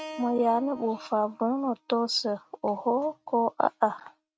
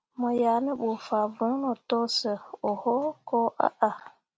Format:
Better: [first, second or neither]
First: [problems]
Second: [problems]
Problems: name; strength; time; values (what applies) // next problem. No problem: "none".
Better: second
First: noise reduction (neural mask model RNNoise)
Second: none